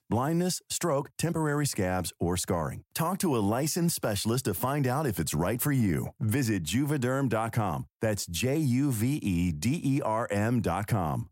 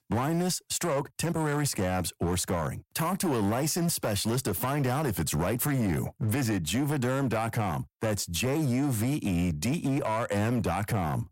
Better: first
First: none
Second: distortion; slight; 18% of the sound clipped

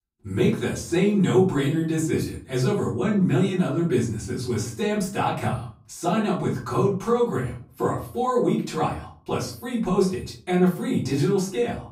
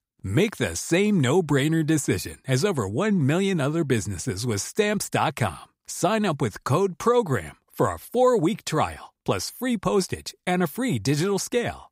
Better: second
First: off-mic speech; far // room echo; slight; dies away in 0.4 s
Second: none

